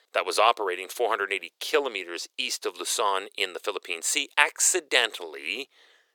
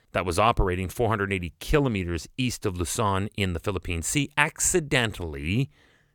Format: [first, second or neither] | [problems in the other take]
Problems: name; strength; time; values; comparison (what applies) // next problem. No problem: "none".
second | thin; very; fading below 400 Hz